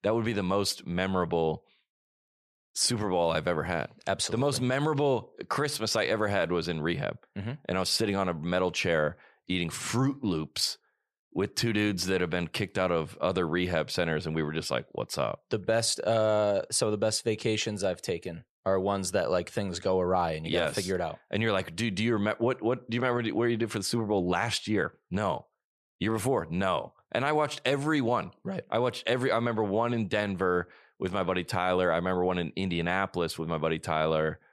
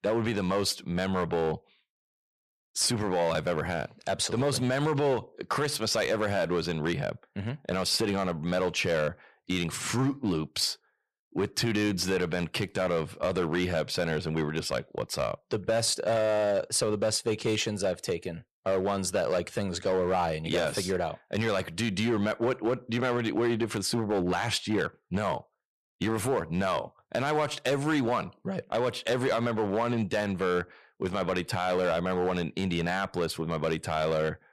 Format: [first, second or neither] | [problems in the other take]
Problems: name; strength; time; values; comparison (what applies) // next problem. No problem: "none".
first | distortion; slight; 6% of the sound clipped